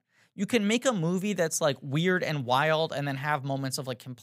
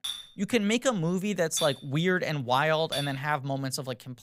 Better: first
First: none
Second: clattering dishes; noticeable; until 3 s; peak 6 dB below the speech

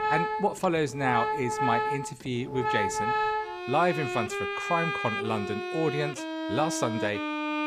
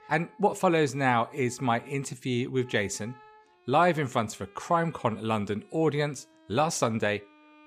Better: second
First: background music; loud; throughout; 1 dB below the speech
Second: background music; faint; throughout; 30 dB below the speech

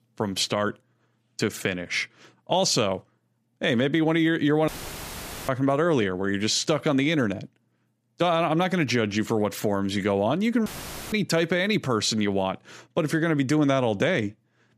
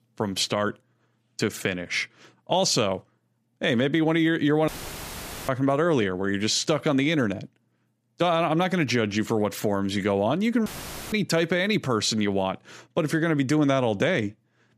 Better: neither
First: audio cutting out; filled with static; at 4.5 s for 1 s and at 11 s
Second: audio cutting out; filled with static; at 4.5 s for 1 s and at 11 s

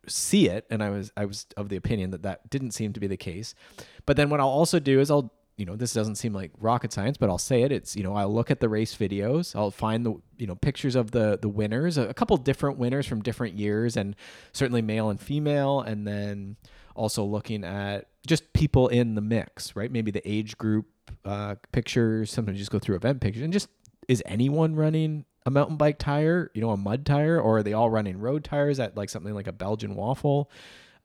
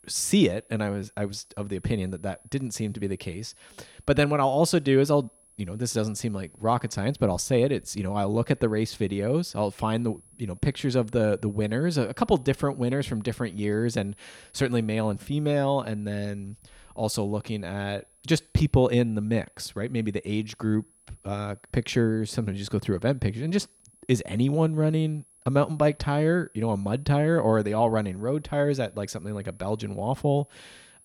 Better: first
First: none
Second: high-pitched whine; faint; throughout; 10.5 kHz, 30 dB below the speech

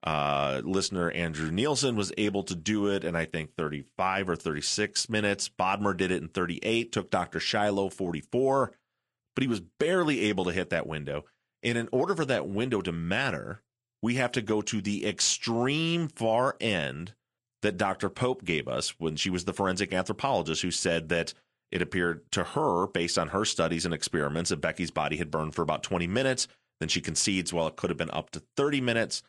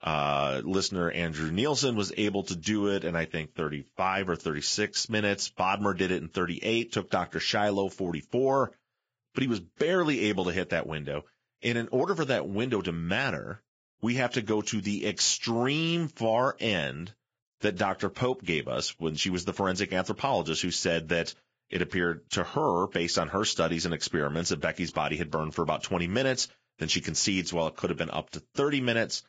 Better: first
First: garbled, watery; slightly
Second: garbled, watery; badly; nothing above 7.5 kHz

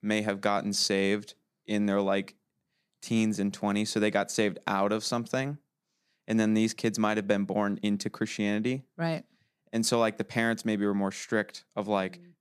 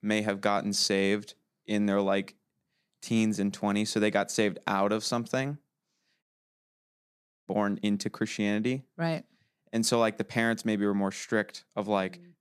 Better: first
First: none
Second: audio cutting out; at 6 s for 1 s

